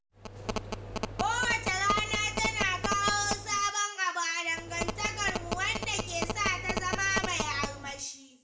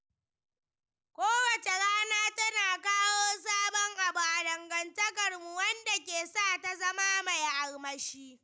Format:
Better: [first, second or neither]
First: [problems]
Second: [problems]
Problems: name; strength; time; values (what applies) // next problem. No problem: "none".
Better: second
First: background sound (Telephone); 4 dB below the speech // room echo; dies away in 0.5 s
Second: none